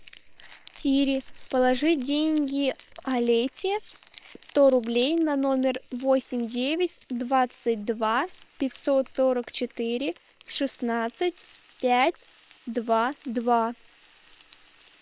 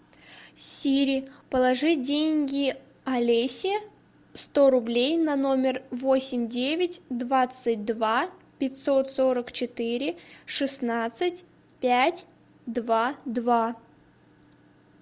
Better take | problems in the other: second | noise reduction (neural separator model SepFormer WHAM!)

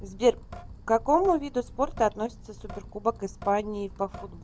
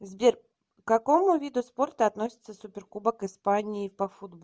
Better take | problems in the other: second | background sound (Drip / Sink (filling or washing)); 15 dB below the speech

